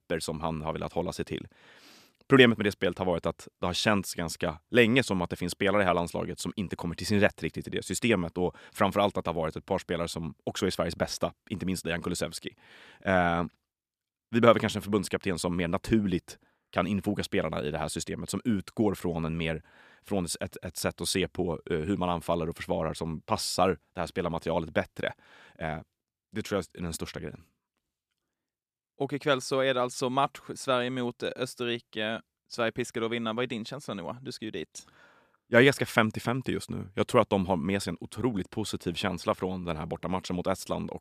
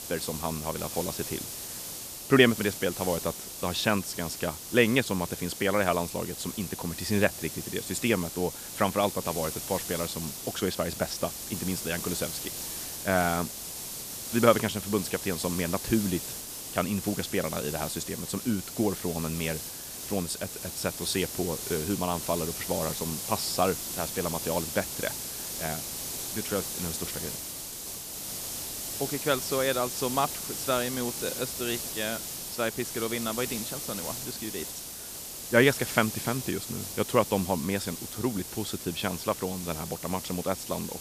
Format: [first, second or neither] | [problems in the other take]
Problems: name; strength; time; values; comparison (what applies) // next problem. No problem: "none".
first | hiss; loud; throughout; 5 dB below the speech